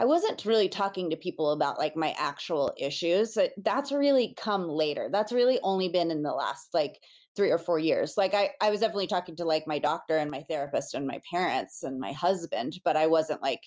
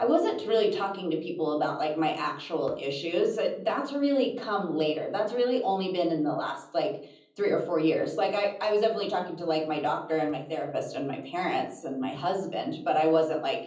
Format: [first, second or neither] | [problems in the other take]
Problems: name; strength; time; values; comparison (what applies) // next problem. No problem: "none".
first | room echo; dies away in 0.6 s